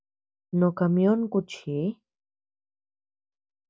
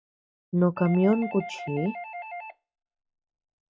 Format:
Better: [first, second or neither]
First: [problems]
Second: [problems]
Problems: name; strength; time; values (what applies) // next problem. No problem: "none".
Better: first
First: none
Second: noise reduction (classical method log-MMSE)